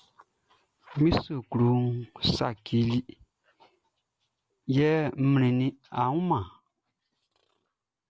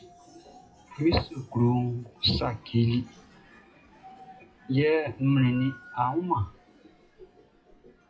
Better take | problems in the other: first | noise reduction (classical method WPE with log-MMSE)

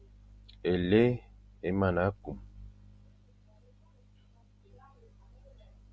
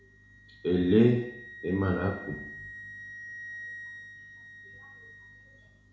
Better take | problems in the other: first | background sound (Wind instrument, woodwind instrument); 15 dB below the speech // room echo; dies away in 0.6 s

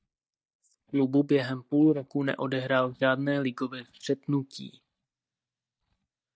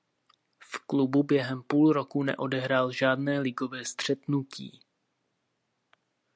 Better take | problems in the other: second | noise reduction (neural mask model DeepFilterNet 3)

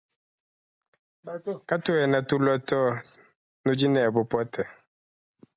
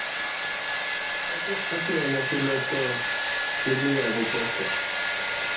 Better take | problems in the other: first | background sound (Domestic sounds, home sounds); 3 dB above the speech // room echo; dies away in 0.6 s

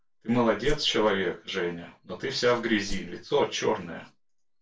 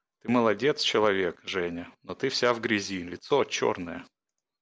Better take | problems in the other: second | noise reduction (neural separator model SepFormer DNS4)

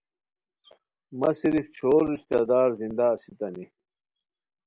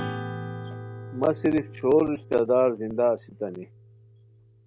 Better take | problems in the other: first | background sound (Acoustic guitar / Strum); 12 dB below the speech

